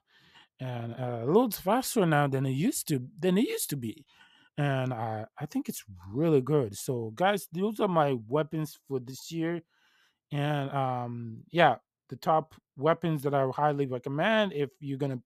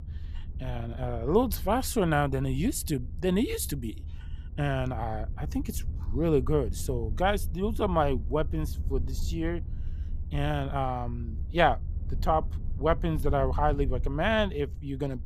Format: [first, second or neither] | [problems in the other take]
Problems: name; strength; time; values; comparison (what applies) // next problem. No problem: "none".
first | low rumble; faint; throughout; 25 dB below the speech